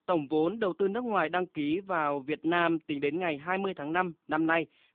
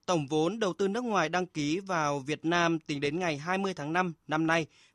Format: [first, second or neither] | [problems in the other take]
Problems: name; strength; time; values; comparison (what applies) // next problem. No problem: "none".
second | phone-call audio